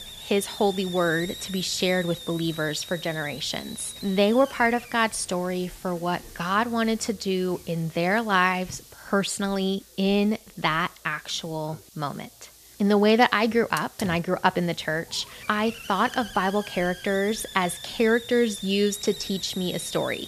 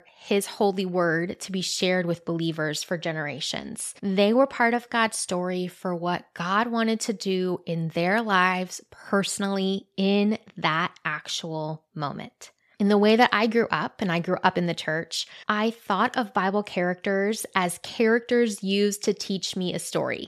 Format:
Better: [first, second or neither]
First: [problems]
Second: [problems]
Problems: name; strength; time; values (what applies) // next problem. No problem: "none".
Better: second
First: hiss; noticeable; throughout; 15 dB below the speech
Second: none